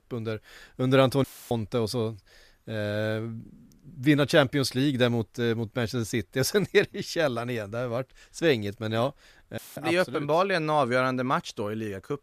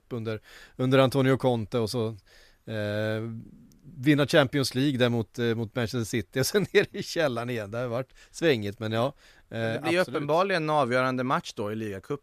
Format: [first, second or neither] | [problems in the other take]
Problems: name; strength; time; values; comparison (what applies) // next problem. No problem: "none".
second | audio cutting out; filled with static; at 1 s and at 9.5 s